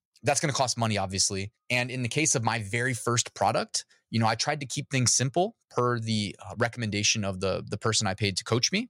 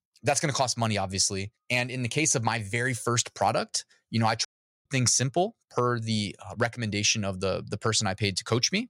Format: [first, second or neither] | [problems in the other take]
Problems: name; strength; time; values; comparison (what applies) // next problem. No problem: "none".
first | audio cutting out; at 4.5 s